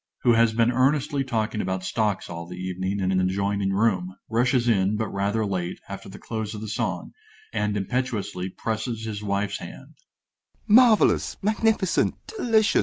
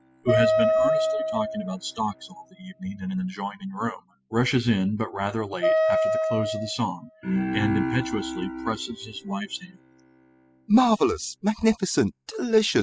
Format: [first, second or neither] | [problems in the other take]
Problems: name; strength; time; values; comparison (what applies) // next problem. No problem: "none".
first | noise reduction (classical method spectral subtraction)